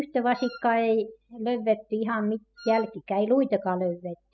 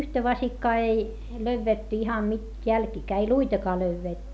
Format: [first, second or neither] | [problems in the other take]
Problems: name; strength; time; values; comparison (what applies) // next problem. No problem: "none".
second | noise reduction (classical method spectral subtraction)